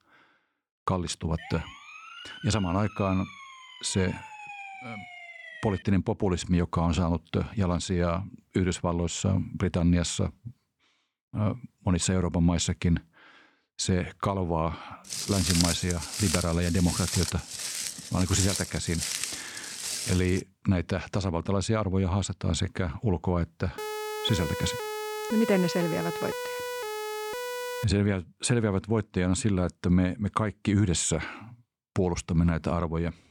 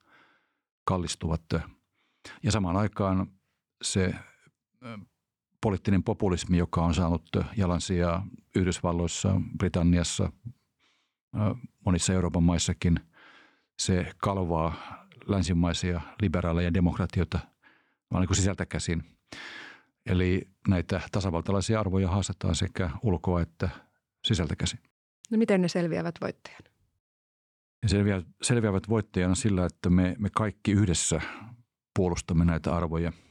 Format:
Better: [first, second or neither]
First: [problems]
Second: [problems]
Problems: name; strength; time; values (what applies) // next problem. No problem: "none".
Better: second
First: siren; faint; from 1.5 to 6 s; peak 10 dB below the speech // footsteps; loud; from 15 to 20 s; peak 2 dB above the speech // siren; noticeable; from 24 to 28 s; peak 5 dB below the speech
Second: none